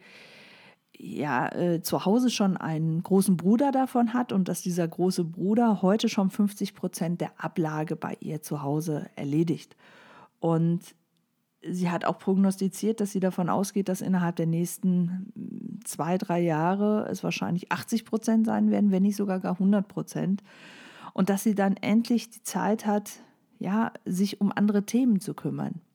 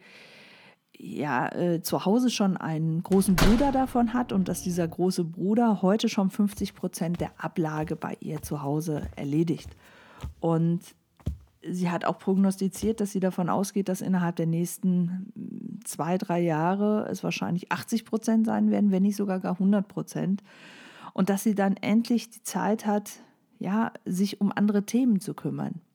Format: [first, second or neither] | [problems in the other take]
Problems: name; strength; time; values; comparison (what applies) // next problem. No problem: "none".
first | door banging; loud; at 3.5 s; peak 1 dB above the speech // footsteps; faint; from 6.5 to 13 s; peak 10 dB below the speech